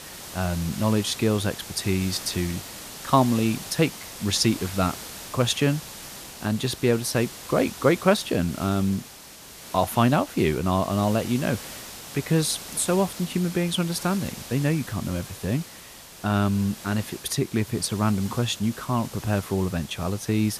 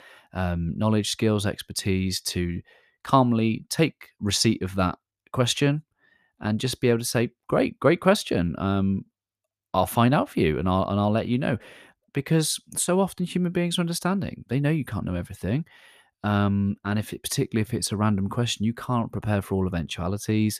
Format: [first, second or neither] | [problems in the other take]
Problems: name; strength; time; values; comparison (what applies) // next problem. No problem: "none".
second | hiss; noticeable; throughout; 15 dB below the speech